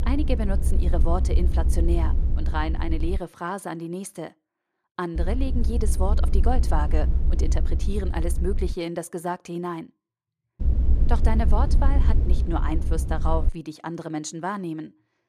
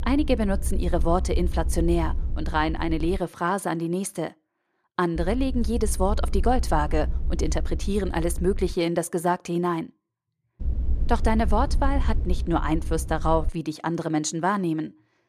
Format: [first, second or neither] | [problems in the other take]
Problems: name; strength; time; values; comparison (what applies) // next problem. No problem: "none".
second | low rumble; loud; until 3 s, from 5 to 8.5 s and from 11 to 13 s; 10 dB below the speech; faint in the second